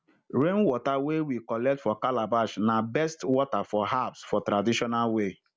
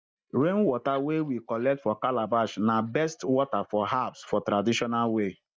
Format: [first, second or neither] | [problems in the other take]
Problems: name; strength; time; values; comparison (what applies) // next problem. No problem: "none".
first | noise reduction (neural mask model DeepFilterNet 3)